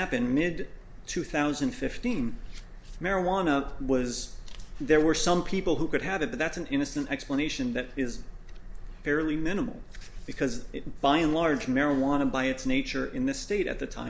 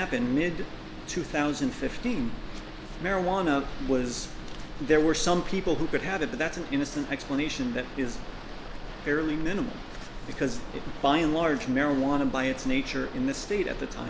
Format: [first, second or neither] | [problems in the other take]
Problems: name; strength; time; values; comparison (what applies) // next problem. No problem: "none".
first | background sound (Boat, Water vehicle); 14 dB below the speech